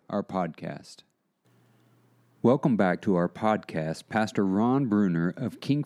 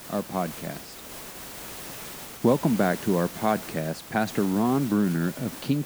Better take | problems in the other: first | hiss; noticeable; throughout; 10 dB below the speech

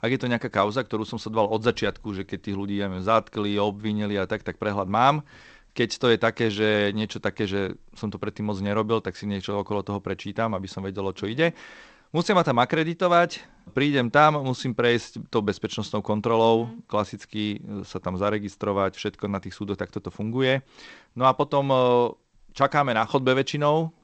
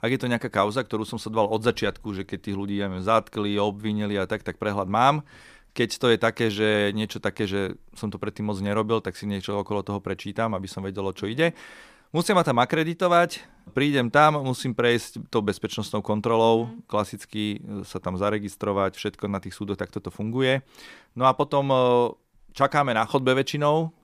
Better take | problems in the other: second | garbled, watery; slightly; nothing above 8 kHz

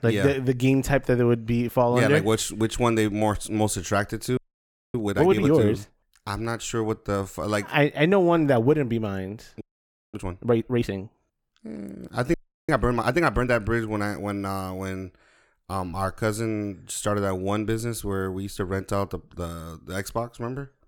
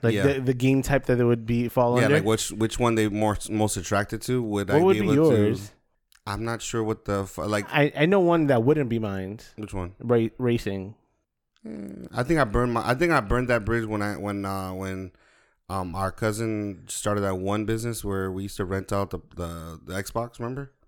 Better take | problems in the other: second | audio freezing; at 4.5 s for 0.5 s, at 9.5 s for 0.5 s and at 12 s

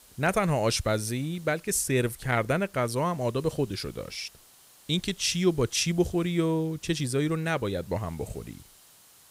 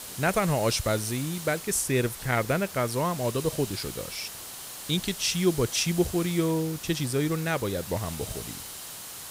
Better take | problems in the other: first | hiss; loud; throughout; 10 dB below the speech; faint in the first

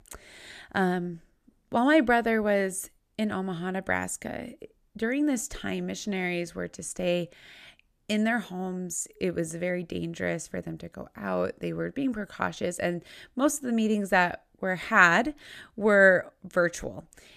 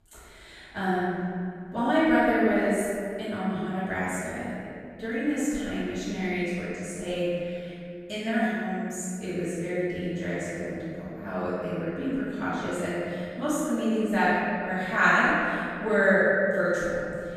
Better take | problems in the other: first | room echo; strong; dies away in 2.4 s // off-mic speech; far

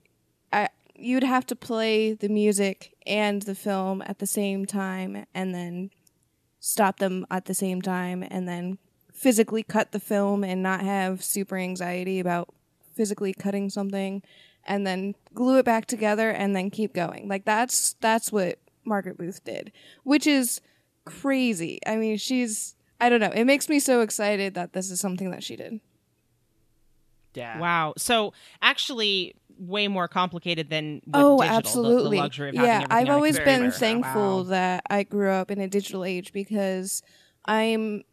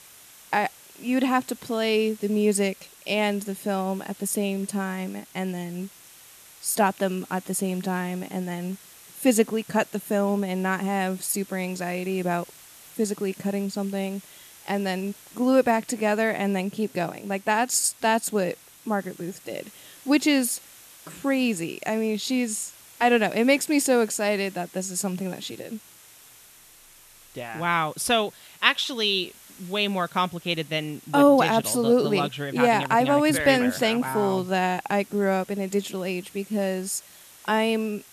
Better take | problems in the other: first | hiss; faint; throughout; 20 dB below the speech

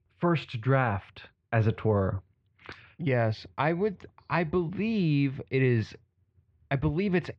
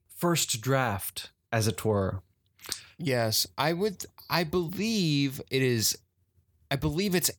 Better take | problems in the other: second | muffled; very; fading above 2.5 kHz

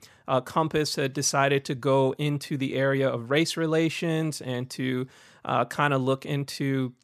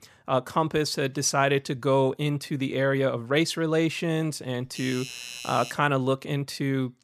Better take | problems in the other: first | doorbell; noticeable; from 4.5 to 5.5 s; peak 10 dB below the speech

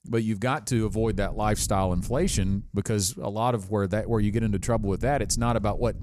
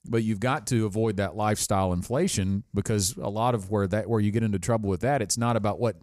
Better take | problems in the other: second | low rumble; faint; from 1 to 2.5 s and from 4 s on; 25 dB below the speech

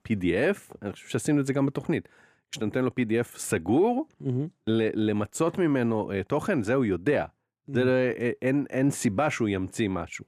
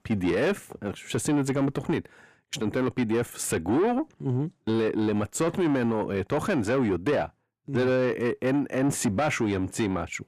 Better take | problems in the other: first | distortion; slight; 10 dB below the speech

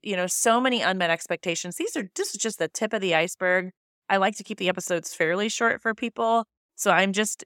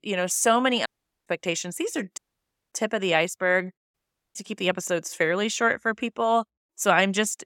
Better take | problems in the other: first | audio cutting out; at 1 s, at 2 s for 0.5 s and at 4 s

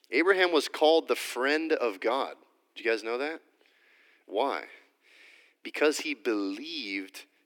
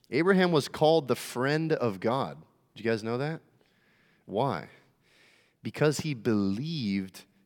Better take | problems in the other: second | thin; somewhat; fading below 300 Hz

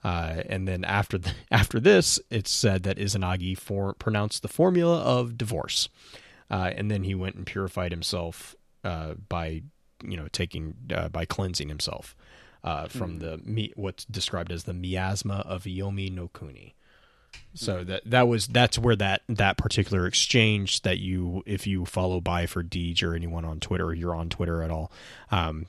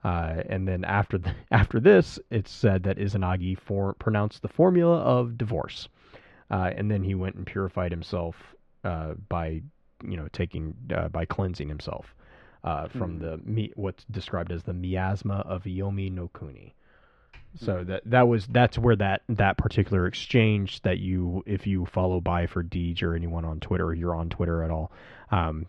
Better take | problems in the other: first | muffled; very; fading above 2 kHz

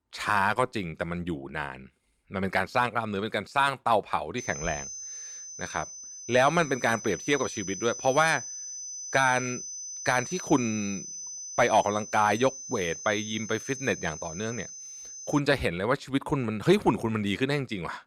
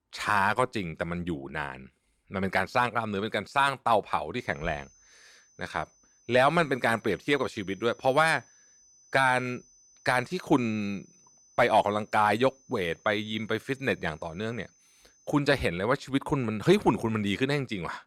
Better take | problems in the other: second | high-pitched whine; loud; from 4.5 to 15 s; 6 kHz, 10 dB below the speech; faint in the second

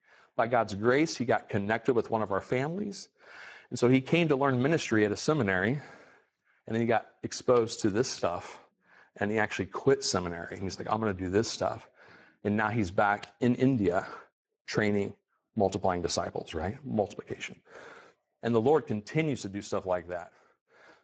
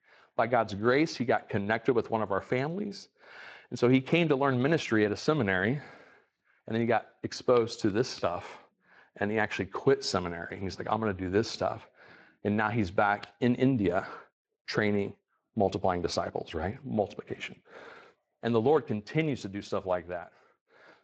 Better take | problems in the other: second | garbled, watery; badly; nothing above 7.5 kHz; slightly in the second

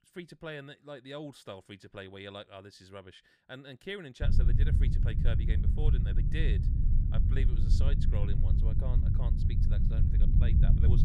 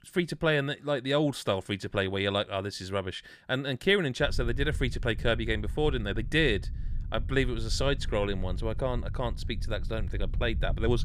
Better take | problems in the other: second | low rumble; loud; from 4 s on; 1 dB below the speech; faint in the second

